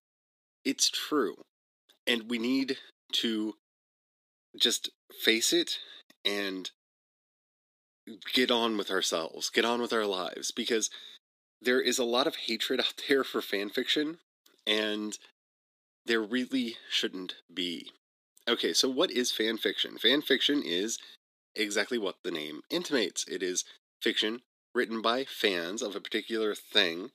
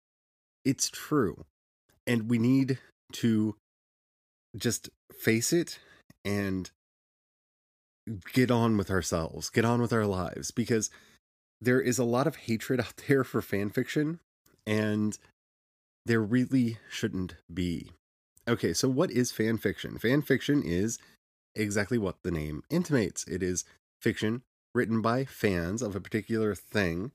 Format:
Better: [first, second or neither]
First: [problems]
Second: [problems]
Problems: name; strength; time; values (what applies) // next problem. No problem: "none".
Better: second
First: thin; very slightly; fading below 250 Hz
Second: none